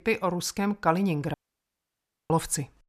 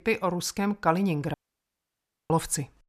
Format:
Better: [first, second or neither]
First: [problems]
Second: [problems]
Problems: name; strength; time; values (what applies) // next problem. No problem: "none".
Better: neither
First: audio cutting out; at 1.5 s for 1 s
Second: audio cutting out; at 1.5 s for 1 s